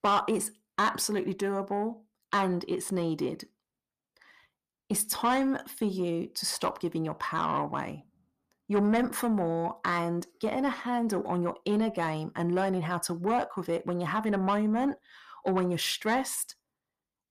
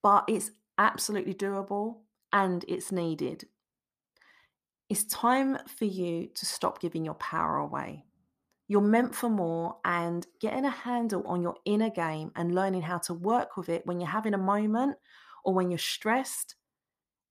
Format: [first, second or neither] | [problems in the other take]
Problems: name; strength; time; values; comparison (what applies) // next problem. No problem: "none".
second | distortion; slight; 10 dB below the speech